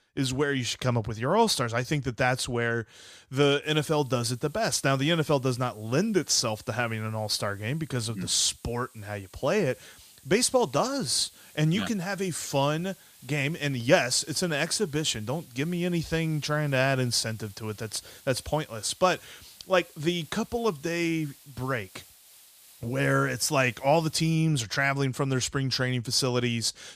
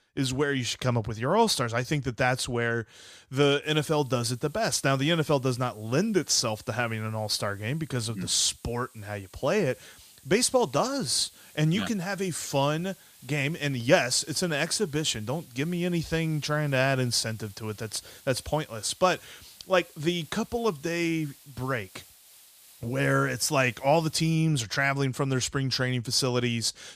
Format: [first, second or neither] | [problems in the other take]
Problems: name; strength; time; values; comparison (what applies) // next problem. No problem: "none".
neither | hiss; faint; from 3.5 to 24 s; 25 dB below the speech; the same in both